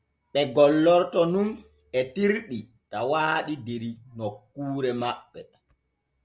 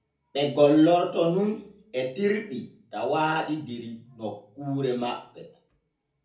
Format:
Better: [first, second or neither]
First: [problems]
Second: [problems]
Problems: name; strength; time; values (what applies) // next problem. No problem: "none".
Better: first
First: none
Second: room echo; dies away in 0.4 s